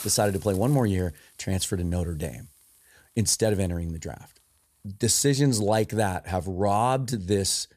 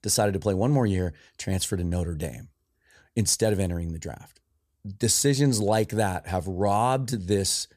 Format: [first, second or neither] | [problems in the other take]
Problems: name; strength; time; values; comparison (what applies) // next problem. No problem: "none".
second | hiss; faint; throughout; 25 dB below the speech